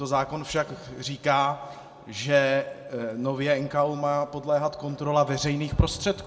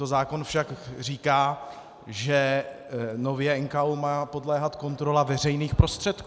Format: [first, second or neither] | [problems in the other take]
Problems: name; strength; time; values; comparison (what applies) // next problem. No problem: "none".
second | room echo; dies away in 0.7 s